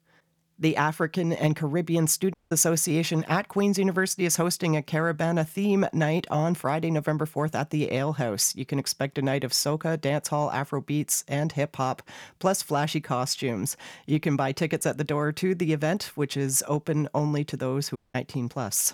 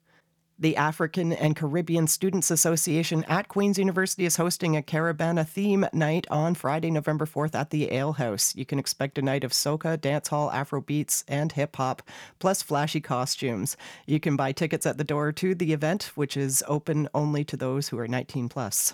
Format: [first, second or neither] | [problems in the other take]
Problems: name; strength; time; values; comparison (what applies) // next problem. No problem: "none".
second | audio cutting out; at 2.5 s and at 18 s